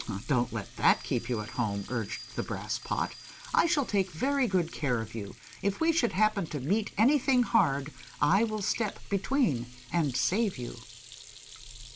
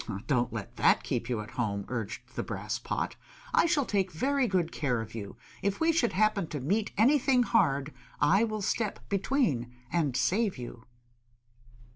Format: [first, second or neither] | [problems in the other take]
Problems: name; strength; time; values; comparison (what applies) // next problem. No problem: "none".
second | background sound (Bell + Sink (filling or washing) / Hands); 19 dB below the speech